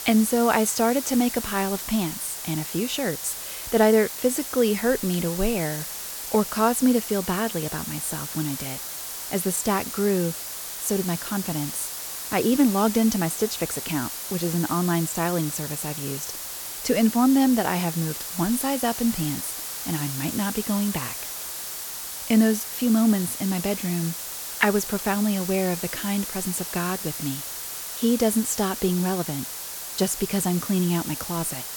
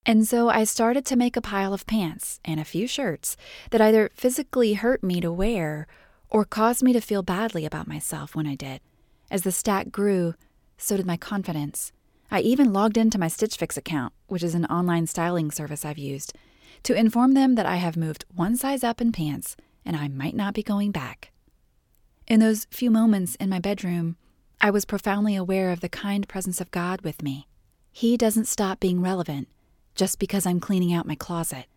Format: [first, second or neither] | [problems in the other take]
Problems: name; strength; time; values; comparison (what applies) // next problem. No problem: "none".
second | hiss; loud; throughout; 6 dB below the speech